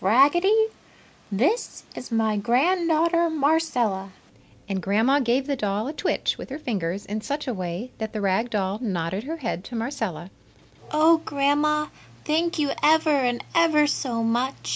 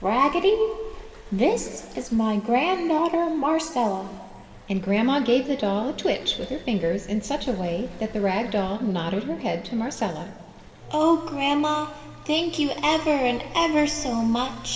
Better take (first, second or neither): first